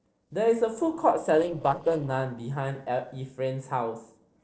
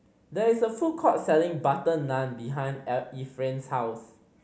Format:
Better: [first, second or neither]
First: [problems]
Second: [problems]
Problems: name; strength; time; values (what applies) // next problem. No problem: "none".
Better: second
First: noise reduction (neural separator model SepFormer DNS4)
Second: none